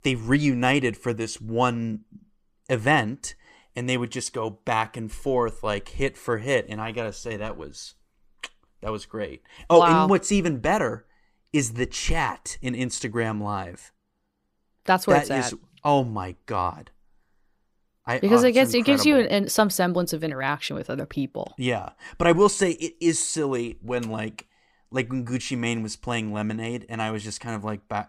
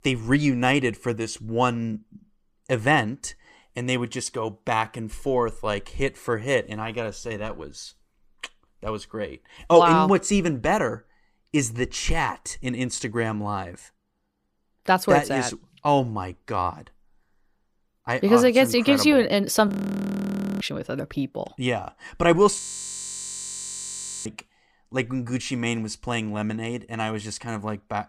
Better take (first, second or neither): first